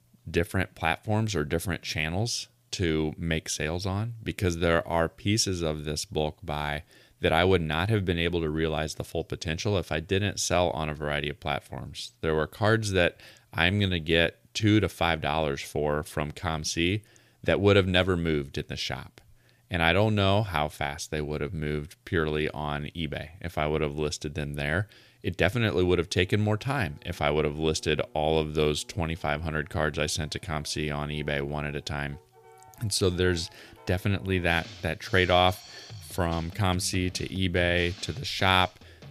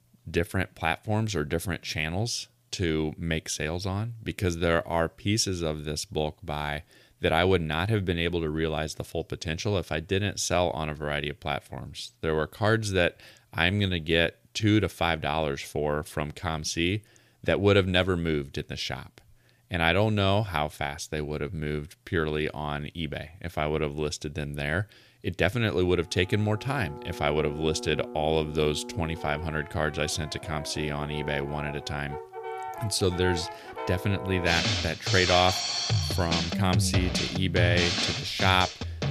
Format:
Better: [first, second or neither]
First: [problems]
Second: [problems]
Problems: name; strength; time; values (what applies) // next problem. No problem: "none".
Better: first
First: background music; faint; from 26 s on; 20 dB below the speech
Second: background music; loud; from 26 s on; 3 dB below the speech